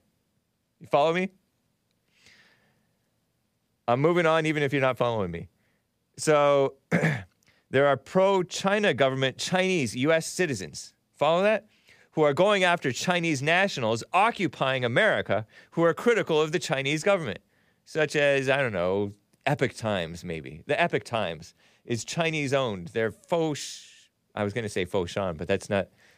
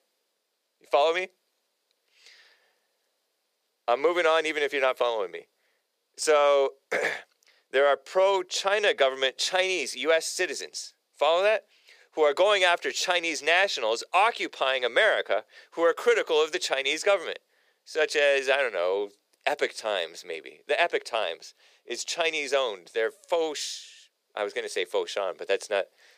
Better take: first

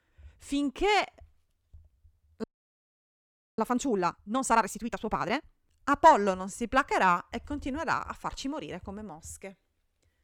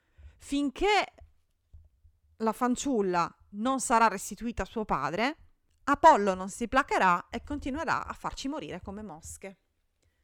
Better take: second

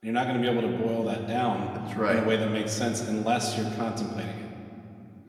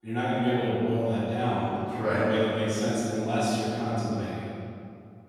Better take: first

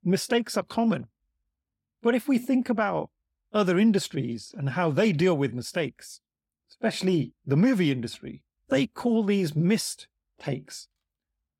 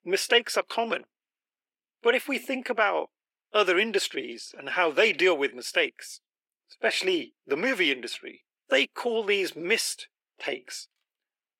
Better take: first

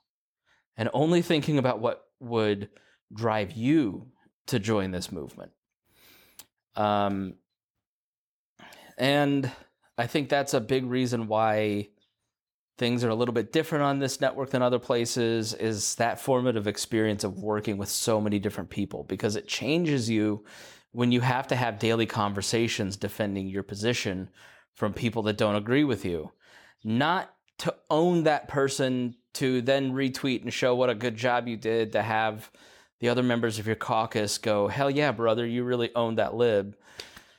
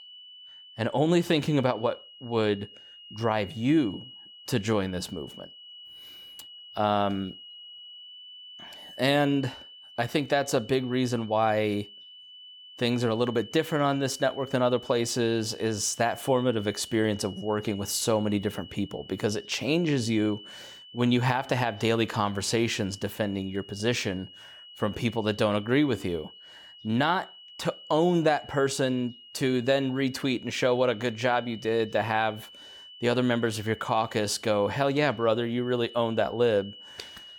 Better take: first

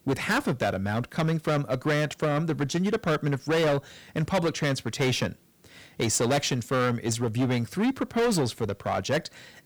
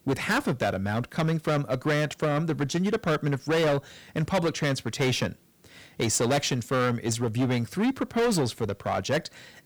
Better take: neither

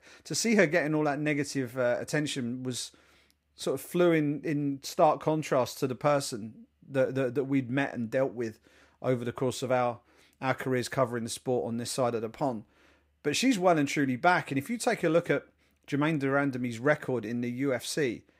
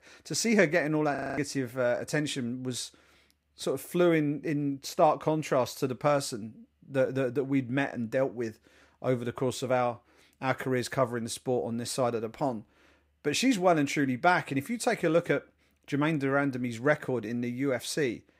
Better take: first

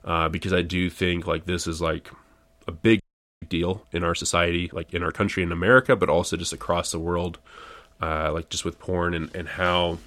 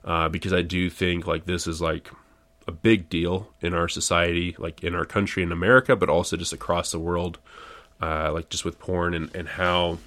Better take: second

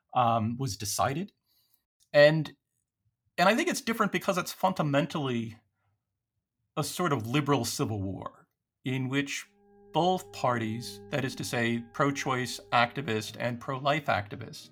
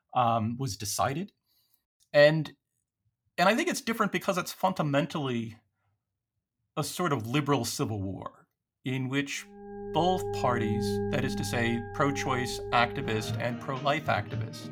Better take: first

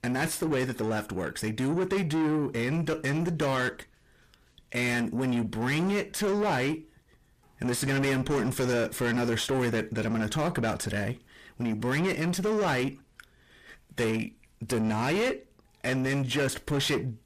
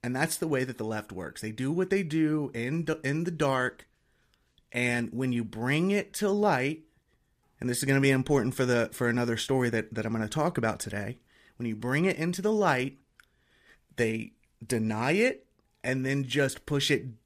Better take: second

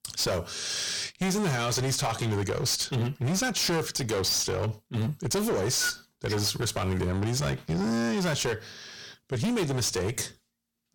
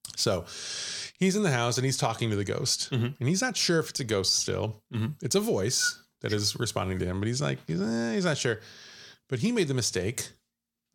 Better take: second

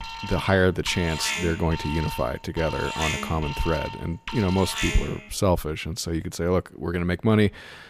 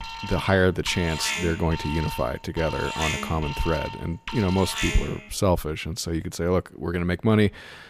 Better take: neither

